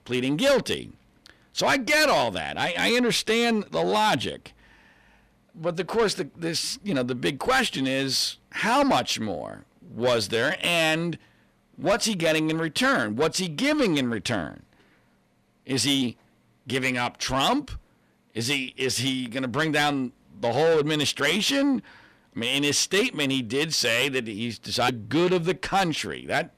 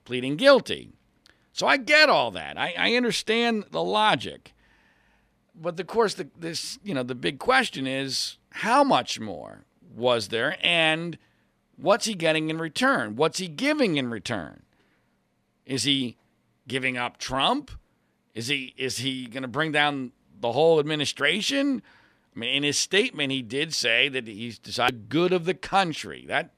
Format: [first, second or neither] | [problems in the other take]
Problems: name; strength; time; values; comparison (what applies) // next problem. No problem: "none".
second | distortion; heavy; 7 dB below the speech